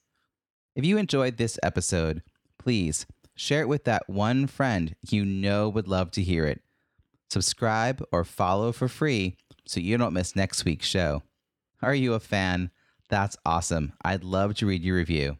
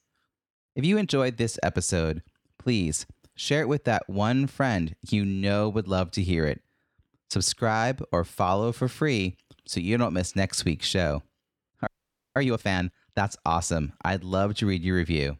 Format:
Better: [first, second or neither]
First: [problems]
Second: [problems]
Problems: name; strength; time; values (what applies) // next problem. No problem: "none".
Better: first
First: none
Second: audio freezing; at 12 s